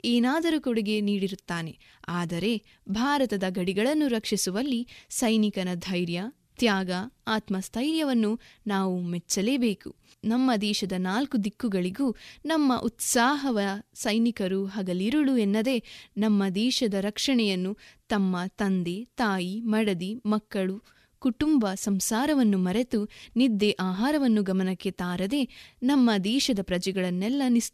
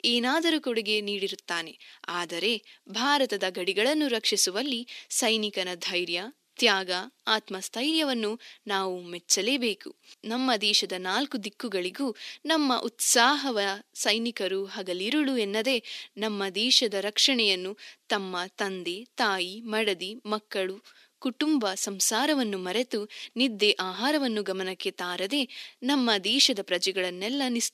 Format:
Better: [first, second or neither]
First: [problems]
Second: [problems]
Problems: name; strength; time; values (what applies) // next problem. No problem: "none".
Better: first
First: none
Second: thin; somewhat; fading below 300 Hz